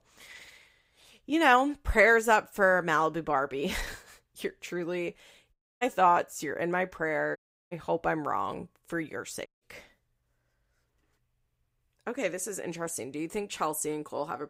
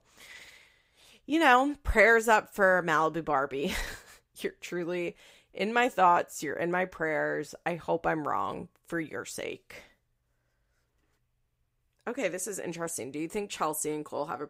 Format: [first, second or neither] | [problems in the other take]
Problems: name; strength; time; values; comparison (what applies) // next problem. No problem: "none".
second | audio cutting out; at 5.5 s, at 7.5 s and at 9.5 s